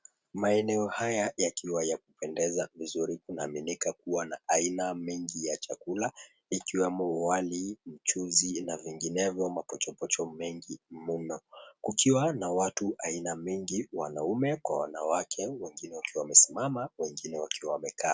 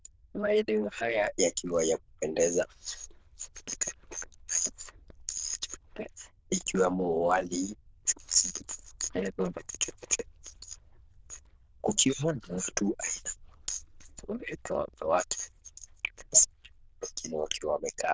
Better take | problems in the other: first | noise reduction (neural diffusion model UNIVERSE++)

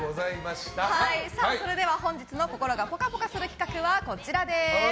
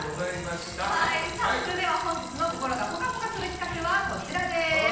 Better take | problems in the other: first | background sound (Frying (food)); 15 dB below the speech // room echo; dies away in 0.9 s

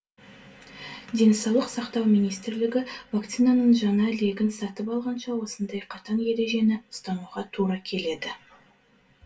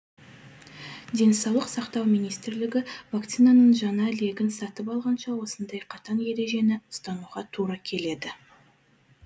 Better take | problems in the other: second | room echo; dies away in 0.1 s

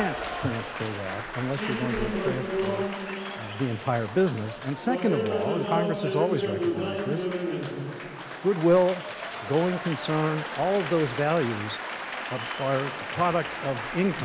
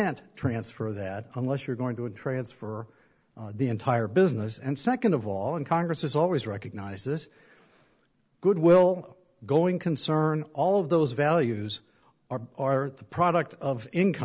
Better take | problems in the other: second | background sound (Applause); 3 dB below the speech

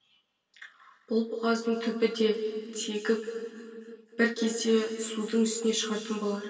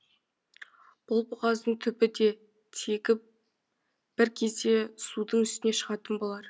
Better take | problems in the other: second | room echo; dies away in 2.6 s

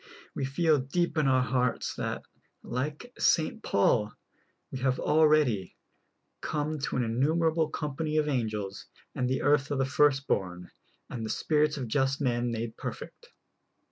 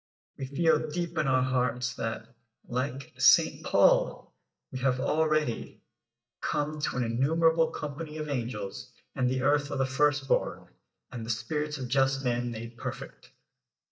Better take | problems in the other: first | noise reduction (neural mask model DeepFilterNet 3)

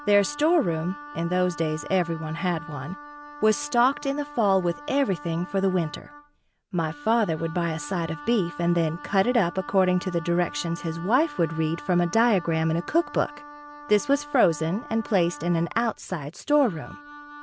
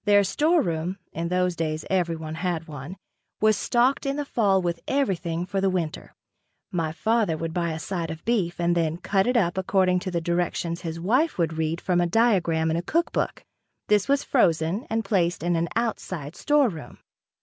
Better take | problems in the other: second | background sound (Wind instrument, woodwind instrument); 16 dB below the speech

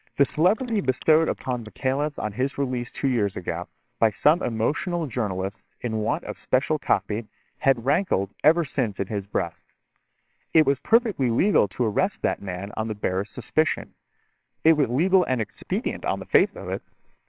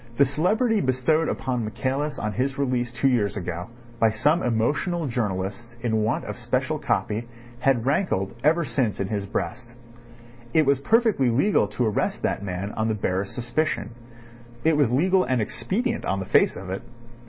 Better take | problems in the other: second | noise reduction (neural separator model SepFormer WHAMR!)

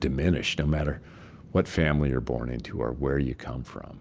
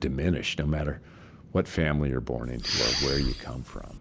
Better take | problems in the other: first | background sound (Respiratory sounds); 2 dB below the speech

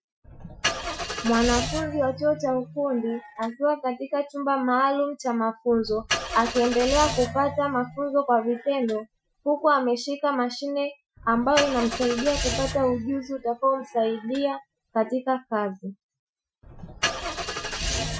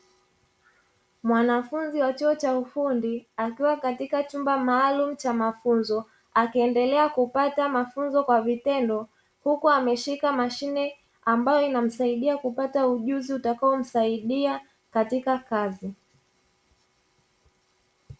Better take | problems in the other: second | noise reduction (classical method Wiener filter)

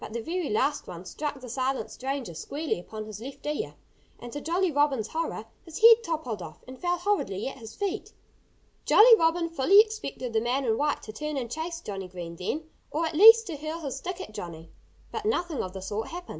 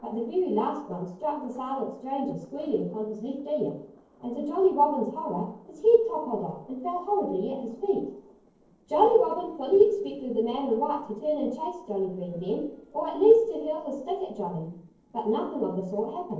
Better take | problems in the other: first | noise reduction (neural separator model SepFormer DNS4)

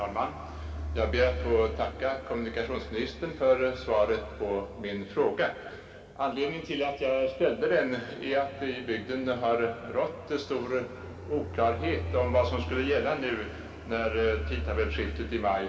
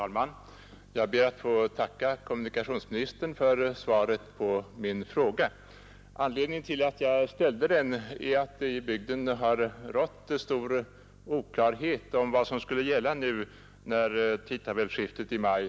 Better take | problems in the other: second | background sound (Fixed-wing aircraft, airplane); 10 dB below the speech // room echo; dies away in 2.2 s

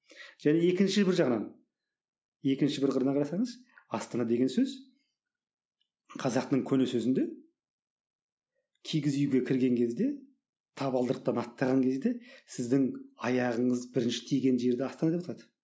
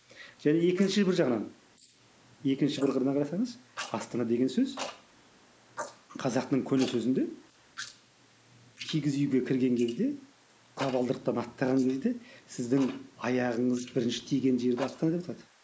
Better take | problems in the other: first | noise reduction (neural mask model Resemble Enhance denoiser)

